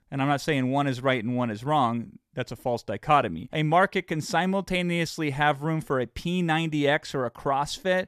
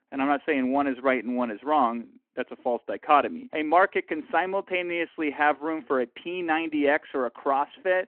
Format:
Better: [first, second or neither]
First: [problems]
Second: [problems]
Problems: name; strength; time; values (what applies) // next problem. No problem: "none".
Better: first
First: none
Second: phone-call audio